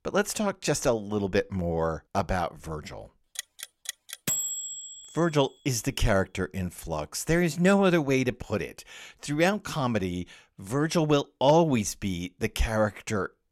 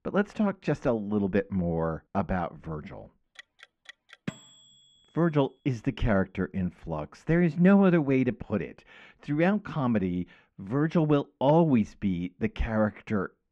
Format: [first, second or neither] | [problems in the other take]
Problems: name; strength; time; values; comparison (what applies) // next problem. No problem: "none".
first | muffled; very; fading above 2 kHz